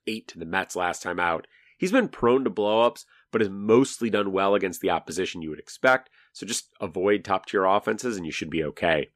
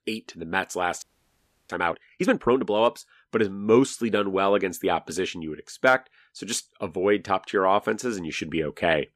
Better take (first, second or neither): first